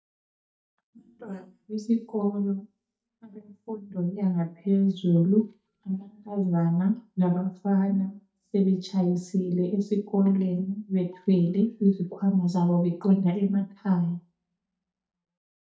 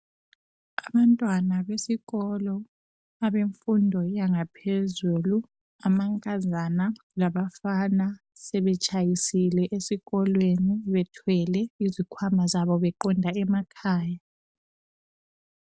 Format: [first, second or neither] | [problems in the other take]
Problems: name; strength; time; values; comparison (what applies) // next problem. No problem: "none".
second | noise reduction (neural mask model DeepFilterNet 3)